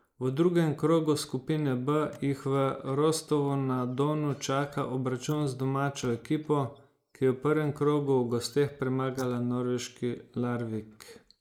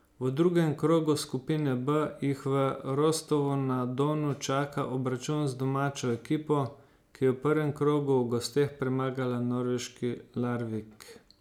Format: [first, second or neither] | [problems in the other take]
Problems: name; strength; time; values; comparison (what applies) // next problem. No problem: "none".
second | noise reduction (neural mask model Resemble Enhance denoiser)